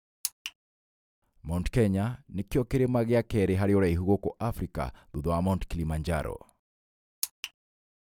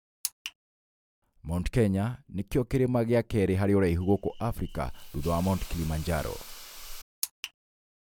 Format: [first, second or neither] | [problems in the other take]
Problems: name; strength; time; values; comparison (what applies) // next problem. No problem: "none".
first | background sound (Hiss / Insect); 12 dB below the speech